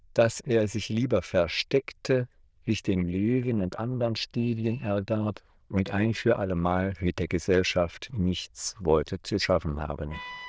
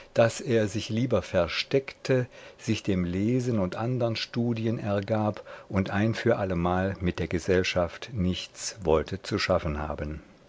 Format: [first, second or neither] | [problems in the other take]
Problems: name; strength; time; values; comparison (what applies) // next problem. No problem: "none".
second | noise reduction (neural diffusion model UNIVERSE++)